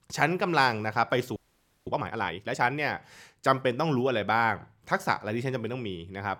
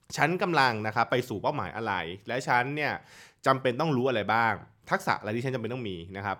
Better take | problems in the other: second | audio freezing; at 1.5 s for 0.5 s

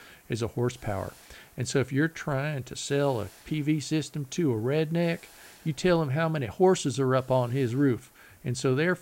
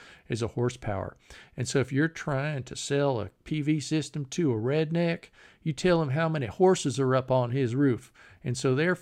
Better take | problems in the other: second | hiss; faint; throughout; 25 dB below the speech

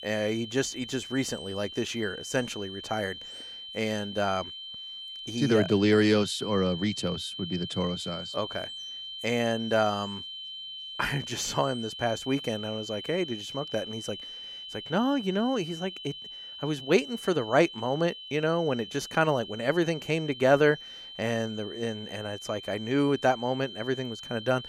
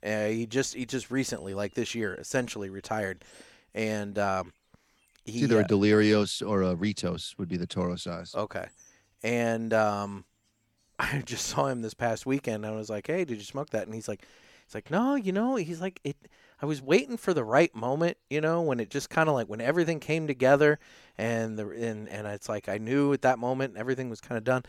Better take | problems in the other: second | high-pitched whine; loud; throughout; 3 kHz, 10 dB below the speech

